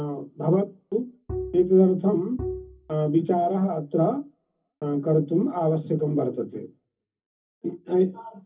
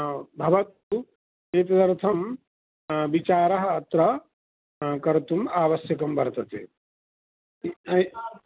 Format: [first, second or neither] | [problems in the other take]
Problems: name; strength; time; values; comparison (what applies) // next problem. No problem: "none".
second | background sound (Bowed string instrument); 11 dB below the speech // room echo; dies away in 0.3 s